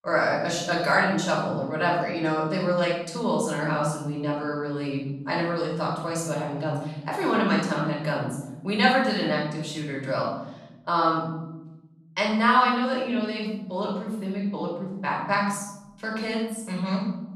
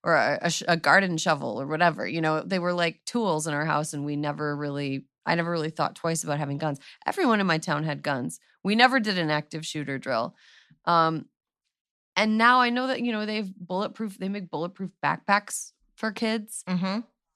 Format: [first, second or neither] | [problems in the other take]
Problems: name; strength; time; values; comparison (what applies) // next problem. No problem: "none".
second | off-mic speech; far // room echo; noticeable; dies away in 1.1 s